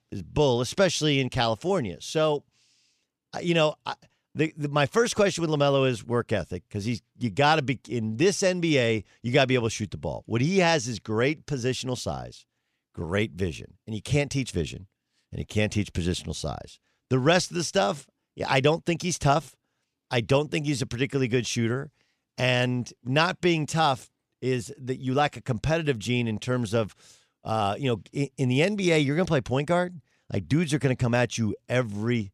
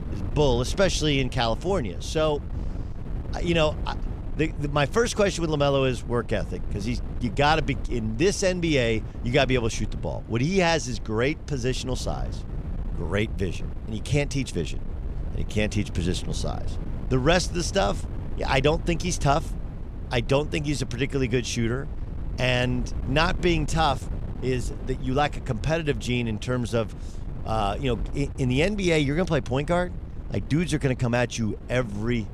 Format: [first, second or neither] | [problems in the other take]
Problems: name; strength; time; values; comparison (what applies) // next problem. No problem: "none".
first | wind noise on the microphone; occasional gusts; 20 dB below the speech